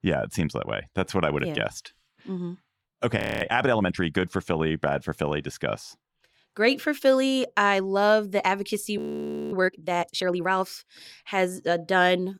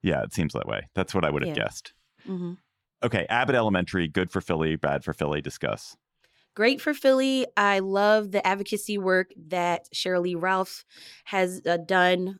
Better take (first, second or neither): second